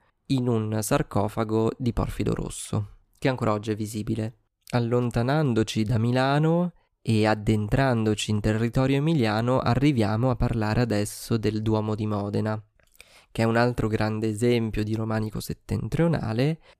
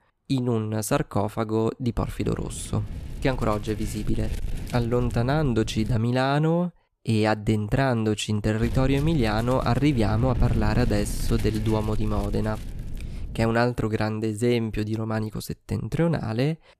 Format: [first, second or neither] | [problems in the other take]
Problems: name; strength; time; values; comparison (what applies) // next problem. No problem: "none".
first | wind noise on the microphone; occasional gusts; from 2 to 6 s and from 8.5 to 14 s; 15 dB below the speech